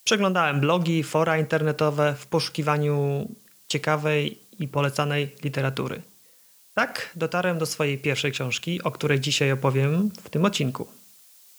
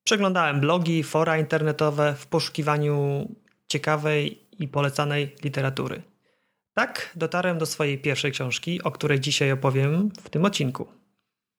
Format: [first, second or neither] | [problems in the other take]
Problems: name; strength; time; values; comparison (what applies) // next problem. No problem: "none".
second | hiss; faint; throughout; 25 dB below the speech